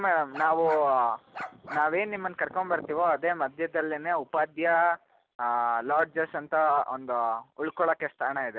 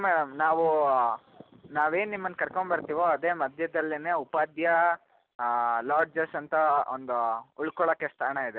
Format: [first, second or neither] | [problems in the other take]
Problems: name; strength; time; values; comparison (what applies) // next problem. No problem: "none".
second | background sound (Bark); 13 dB below the speech